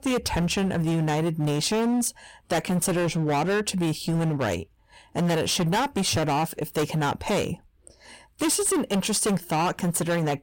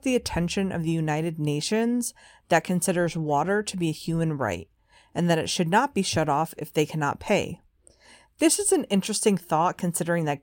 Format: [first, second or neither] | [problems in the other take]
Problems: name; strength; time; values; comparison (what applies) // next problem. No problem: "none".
second | distortion; heavy; 23% of the sound clipped